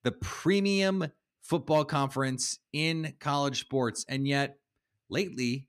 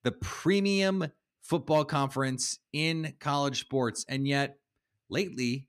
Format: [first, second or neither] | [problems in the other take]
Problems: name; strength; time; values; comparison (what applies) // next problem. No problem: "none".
neither | none